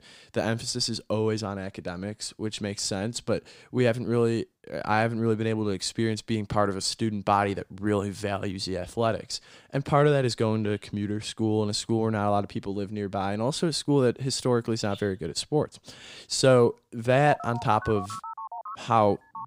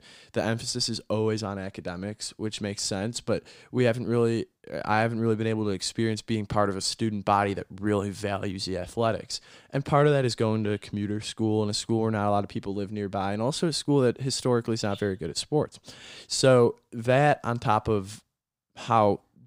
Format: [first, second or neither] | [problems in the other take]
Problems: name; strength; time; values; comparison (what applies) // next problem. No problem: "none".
second | phone ringing; faint; from 17 s on; peak 10 dB below the speech